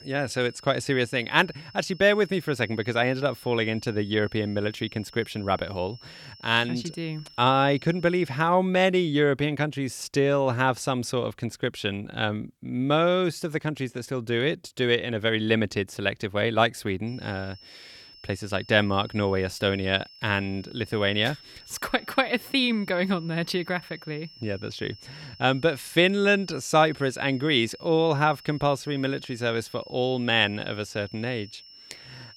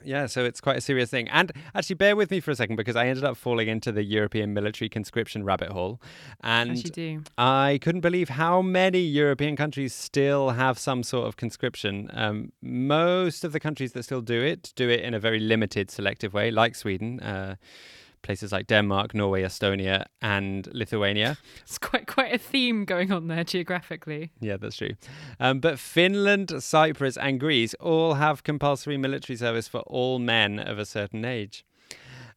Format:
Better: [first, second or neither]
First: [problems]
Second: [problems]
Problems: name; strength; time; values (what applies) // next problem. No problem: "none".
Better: second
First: high-pitched whine; faint; until 8.5 s and from 17 s on; 5.5 kHz, 20 dB below the speech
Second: none